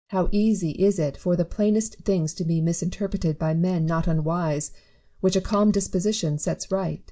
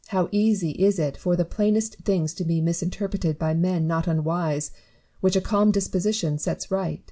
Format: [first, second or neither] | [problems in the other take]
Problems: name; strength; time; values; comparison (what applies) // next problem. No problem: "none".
second | noise reduction (neural mask model DeepFilterNet 3)